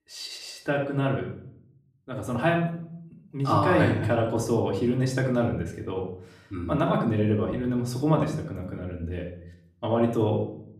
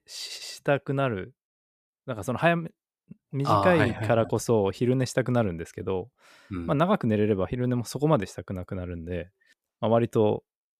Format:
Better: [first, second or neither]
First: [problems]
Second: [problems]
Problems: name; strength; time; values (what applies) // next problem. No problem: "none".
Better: second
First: room echo; slight; dies away in 0.6 s // off-mic speech; far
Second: none